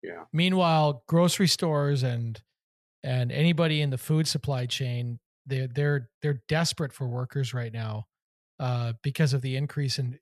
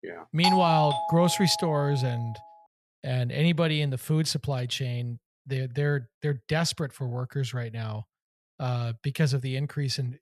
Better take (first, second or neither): first